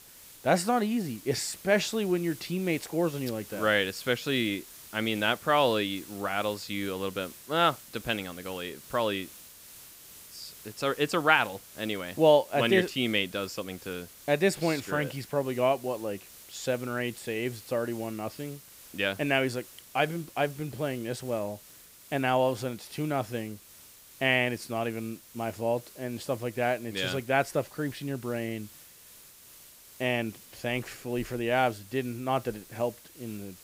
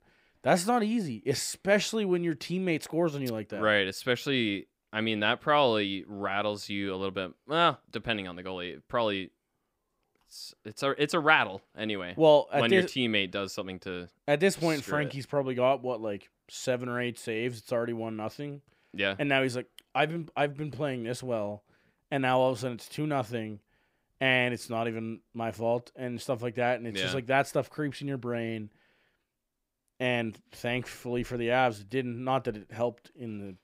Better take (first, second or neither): second